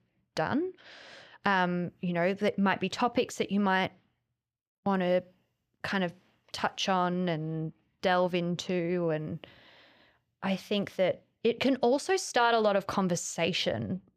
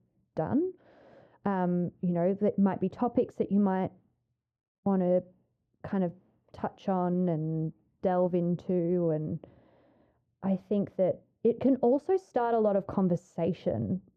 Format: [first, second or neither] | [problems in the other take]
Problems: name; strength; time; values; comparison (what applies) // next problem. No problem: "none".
first | muffled; very; fading above 1.5 kHz